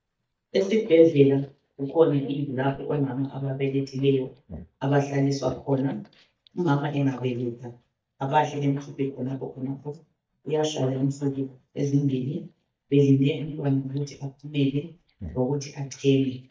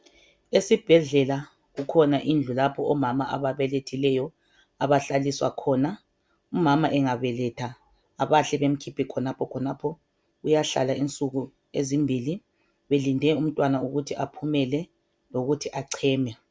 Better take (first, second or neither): second